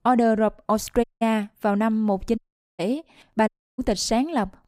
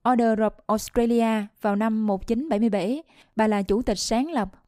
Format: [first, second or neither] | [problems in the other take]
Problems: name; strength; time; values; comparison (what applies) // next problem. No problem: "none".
second | audio cutting out; at 1 s, at 2.5 s and at 3.5 s